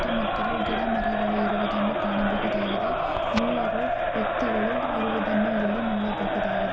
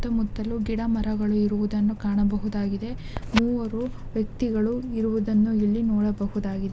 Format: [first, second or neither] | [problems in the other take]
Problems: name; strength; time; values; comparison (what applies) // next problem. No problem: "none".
second | background sound (Crowd); 3 dB above the speech